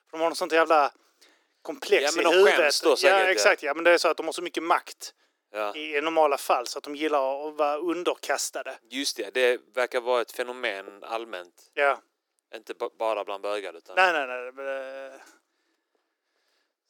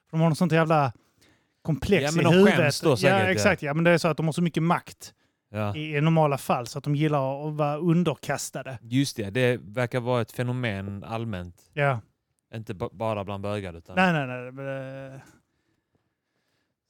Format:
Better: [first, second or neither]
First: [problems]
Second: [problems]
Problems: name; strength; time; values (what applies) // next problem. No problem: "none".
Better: second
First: thin; very; fading below 350 Hz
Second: none